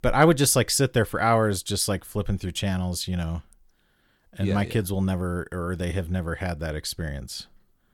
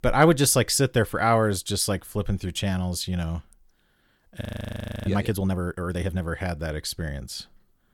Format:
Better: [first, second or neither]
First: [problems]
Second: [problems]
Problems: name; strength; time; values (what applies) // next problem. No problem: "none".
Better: first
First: none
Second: audio freezing; at 4.5 s for 0.5 s